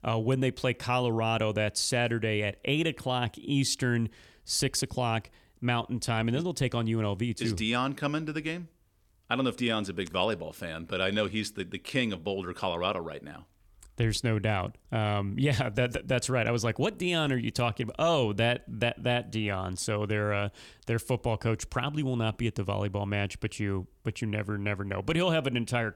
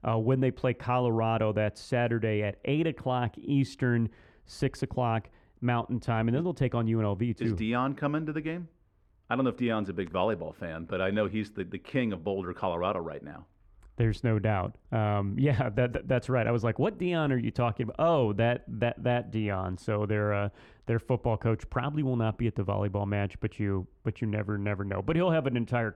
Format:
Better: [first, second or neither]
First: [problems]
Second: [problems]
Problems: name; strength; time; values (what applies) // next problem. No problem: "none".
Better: first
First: none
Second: muffled; very; fading above 3 kHz